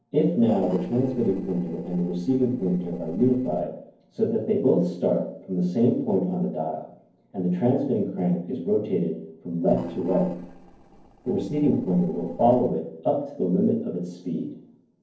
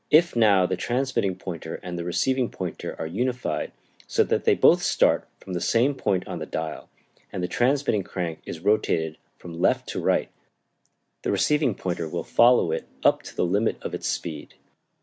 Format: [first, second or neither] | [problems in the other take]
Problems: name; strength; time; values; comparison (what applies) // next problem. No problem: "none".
second | noise reduction (neural separator model SepFormer DNS4)